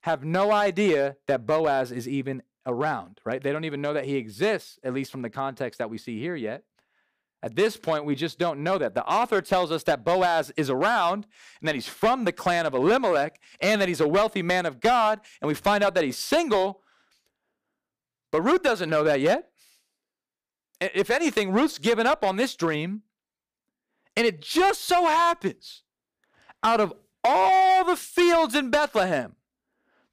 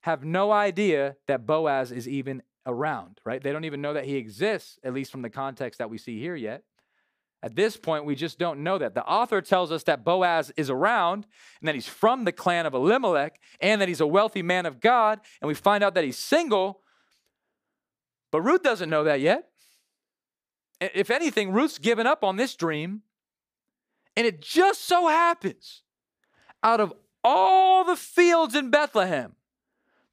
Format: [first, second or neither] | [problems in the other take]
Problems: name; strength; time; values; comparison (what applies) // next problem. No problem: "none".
second | distortion; slight; 5% of the sound clipped